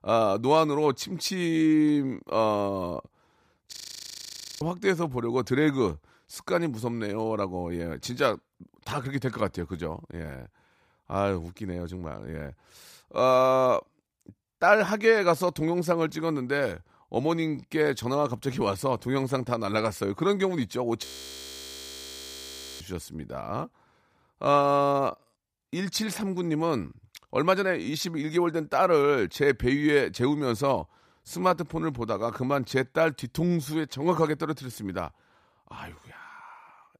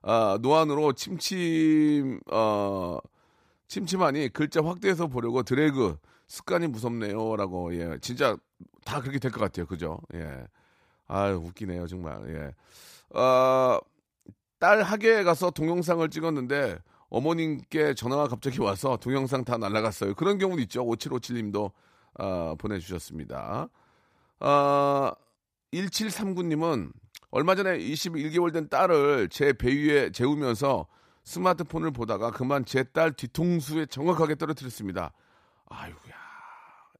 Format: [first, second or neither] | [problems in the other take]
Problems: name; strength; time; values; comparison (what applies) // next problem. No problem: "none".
second | audio freezing; at 3.5 s for 1 s and at 21 s for 2 s